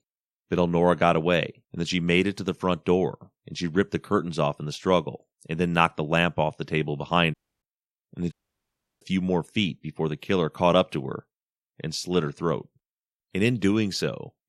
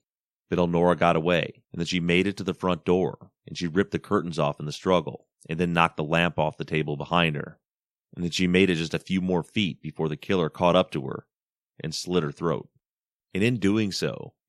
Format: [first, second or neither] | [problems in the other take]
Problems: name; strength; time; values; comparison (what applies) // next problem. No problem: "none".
second | audio cutting out; at 7.5 s and at 8.5 s for 0.5 s